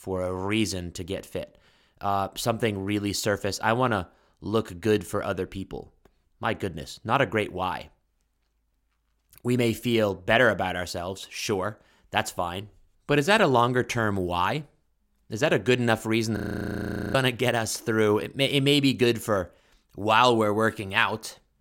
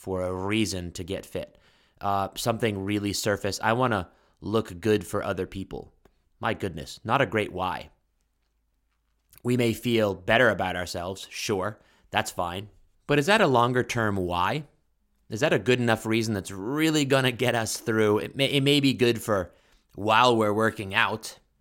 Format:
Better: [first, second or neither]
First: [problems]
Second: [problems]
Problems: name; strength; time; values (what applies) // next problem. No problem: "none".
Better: second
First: audio freezing; at 16 s for 1 s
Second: none